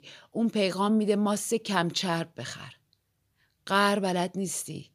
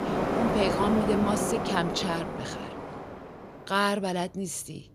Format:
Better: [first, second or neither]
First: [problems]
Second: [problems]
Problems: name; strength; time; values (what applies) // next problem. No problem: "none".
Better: first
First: none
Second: train or aircraft noise; loud; throughout; 1 dB below the speech